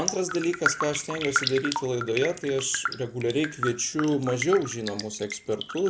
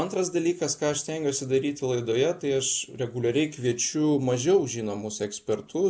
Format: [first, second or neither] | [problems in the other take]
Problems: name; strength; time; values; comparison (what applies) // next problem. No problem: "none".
second | background sound (Raindrop); 6 dB below the speech